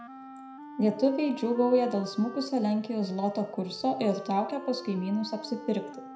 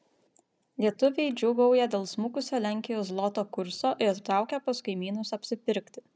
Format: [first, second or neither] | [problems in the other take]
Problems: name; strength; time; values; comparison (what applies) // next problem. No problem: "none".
second | background sound (Wind instrument, woodwind instrument); 16 dB below the speech // room echo; dies away in 0.5 s